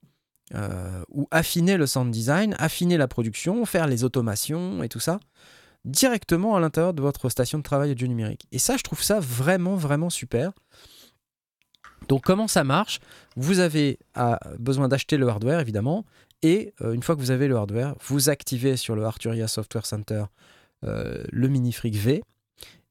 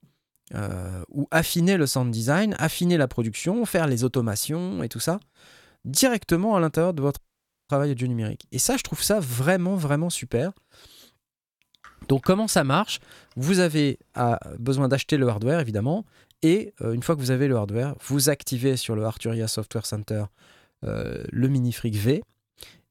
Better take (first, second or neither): first